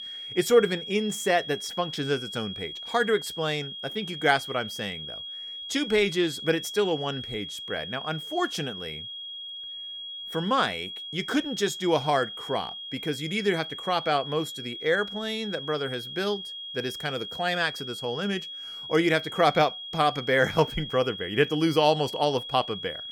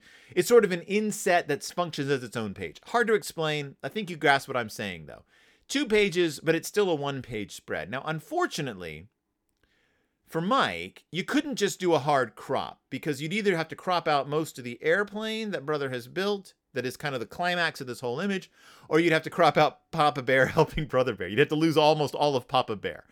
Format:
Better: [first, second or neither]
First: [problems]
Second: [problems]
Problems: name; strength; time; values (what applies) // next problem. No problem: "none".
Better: second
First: high-pitched whine; loud; throughout; 3.5 kHz, 8 dB below the speech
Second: none